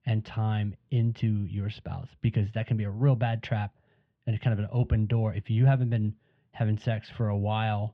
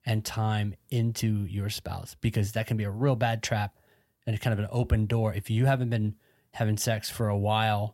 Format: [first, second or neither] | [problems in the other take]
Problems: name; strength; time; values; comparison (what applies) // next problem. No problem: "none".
second | muffled; very; fading above 3 kHz